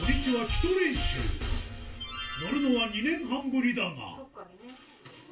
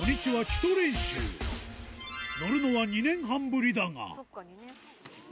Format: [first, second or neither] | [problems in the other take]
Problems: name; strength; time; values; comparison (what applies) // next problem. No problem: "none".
second | room echo; dies away in 0.3 s